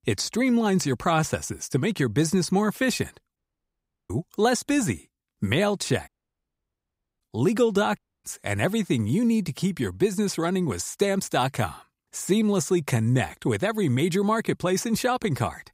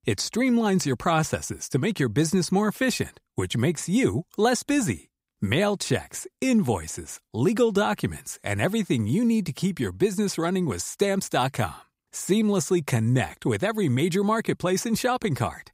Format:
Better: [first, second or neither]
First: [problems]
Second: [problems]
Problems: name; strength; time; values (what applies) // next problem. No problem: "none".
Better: second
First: audio cutting out; at 3.5 s for 0.5 s, at 6 s for 1 s and at 8 s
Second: none